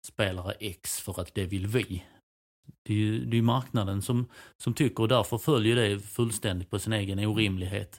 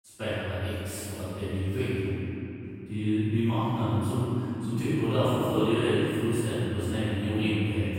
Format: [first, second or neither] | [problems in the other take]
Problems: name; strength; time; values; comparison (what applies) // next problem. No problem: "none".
first | off-mic speech; far // room echo; strong; dies away in 3 s